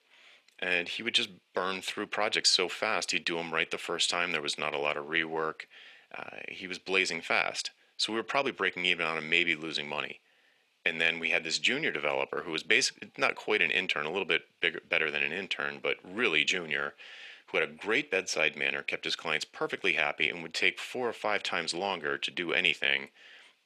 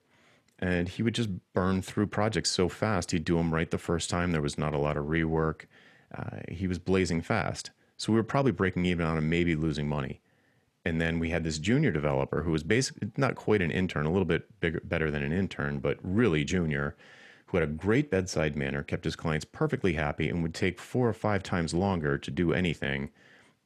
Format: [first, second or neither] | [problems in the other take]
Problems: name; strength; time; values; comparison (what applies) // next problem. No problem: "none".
second | thin; very; fading below 500 Hz